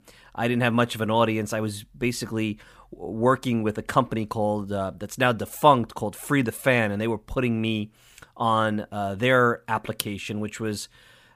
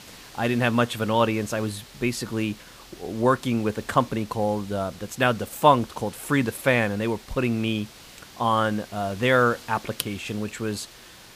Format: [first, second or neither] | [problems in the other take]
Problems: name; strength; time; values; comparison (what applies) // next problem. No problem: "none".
first | hiss; noticeable; throughout; 20 dB below the speech